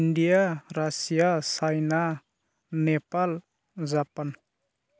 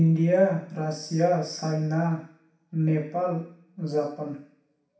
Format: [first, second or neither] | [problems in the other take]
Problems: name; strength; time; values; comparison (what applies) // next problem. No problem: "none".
first | room echo; dies away in 0.6 s